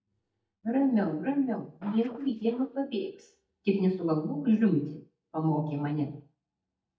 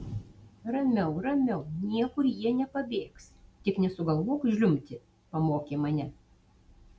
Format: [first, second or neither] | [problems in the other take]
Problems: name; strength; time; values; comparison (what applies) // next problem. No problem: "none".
second | noise reduction (neural mask model DeepFilterNet 3)